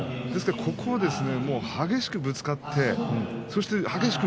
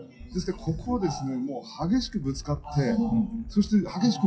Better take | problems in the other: first | noise reduction (classical method WPE with log-MMSE)

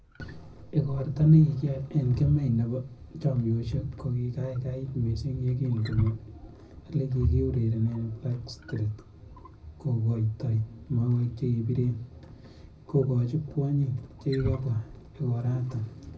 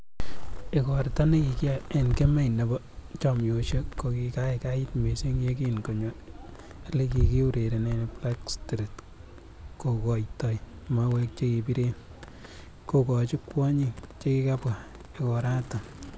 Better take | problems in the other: second | background sound (Wild animals); 16 dB below the speech // room echo; dies away in 0.4 s

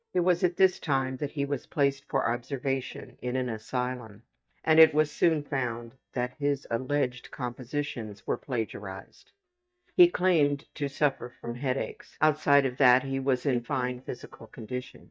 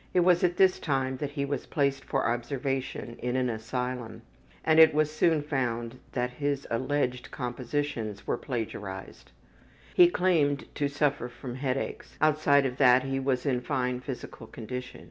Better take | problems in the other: second | noise reduction (neural mask model DeepFilterNet 3)

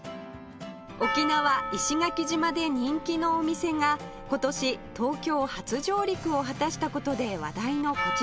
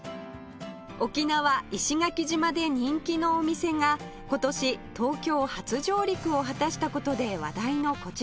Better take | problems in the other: second | background sound (Percussion); 9 dB below the speech

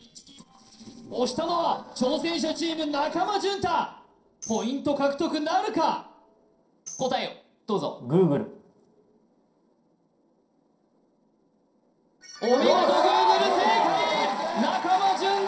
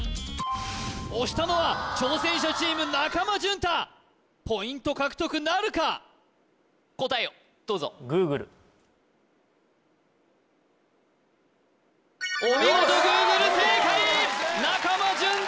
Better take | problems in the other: second | noise reduction (neural separator model SepFormer DNS4)

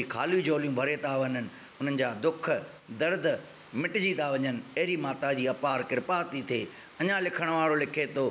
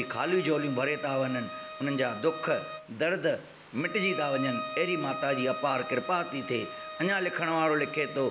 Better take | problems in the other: first | background sound (Bowed string instrument); 10 dB below the speech

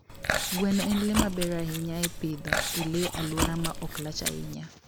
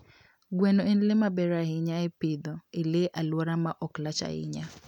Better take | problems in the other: second | background sound (Chewing, mastication); 1 dB below the speech

